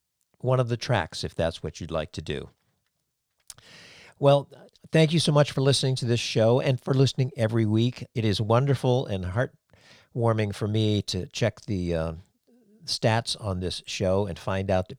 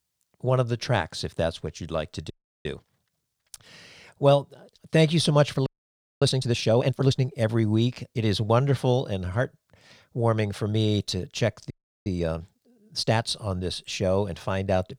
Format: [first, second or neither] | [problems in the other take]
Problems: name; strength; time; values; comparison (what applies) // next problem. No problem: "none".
first | audio freezing; at 2.5 s, at 5.5 s for 0.5 s and at 12 s